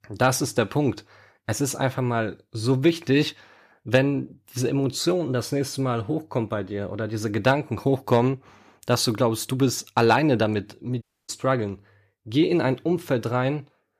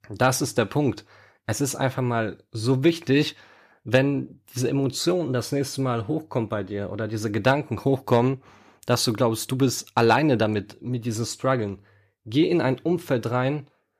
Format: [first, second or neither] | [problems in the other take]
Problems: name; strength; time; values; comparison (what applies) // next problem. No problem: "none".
second | audio cutting out; at 11 s